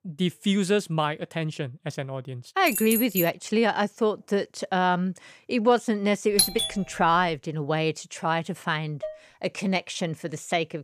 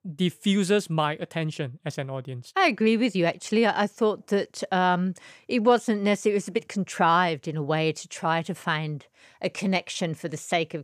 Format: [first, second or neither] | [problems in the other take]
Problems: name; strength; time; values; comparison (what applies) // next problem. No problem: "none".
second | jangling keys; noticeable; at 2.5 s; peak 1 dB below the speech // doorbell; loud; at 6.5 s; peak 4 dB above the speech // clattering dishes; faint; at 9 s; peak 10 dB below the speech